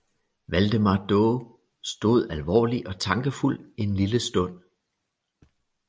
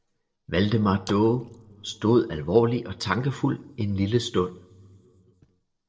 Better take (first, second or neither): first